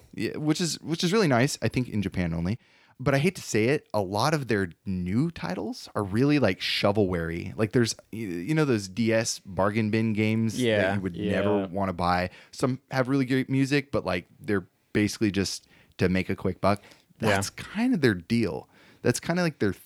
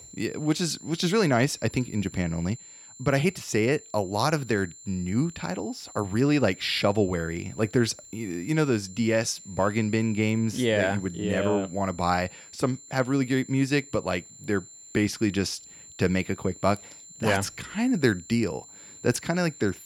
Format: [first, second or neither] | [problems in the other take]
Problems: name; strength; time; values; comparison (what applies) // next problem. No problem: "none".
first | high-pitched whine; noticeable; throughout; 7.5 kHz, 20 dB below the speech